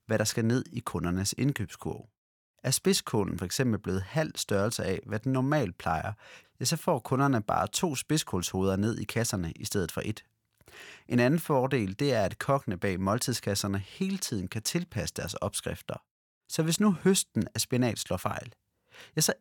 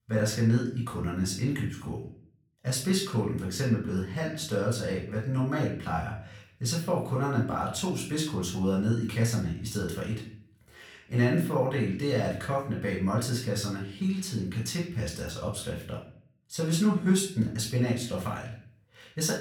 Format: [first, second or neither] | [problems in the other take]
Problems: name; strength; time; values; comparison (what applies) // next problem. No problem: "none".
first | off-mic speech; far // room echo; slight; dies away in 0.5 s